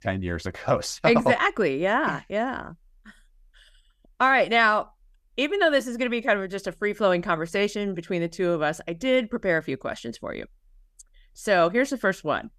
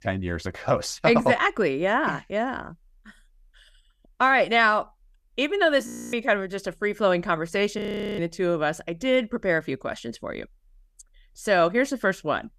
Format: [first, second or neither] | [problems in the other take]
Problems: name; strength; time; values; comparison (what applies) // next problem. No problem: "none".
first | audio freezing; at 6 s and at 8 s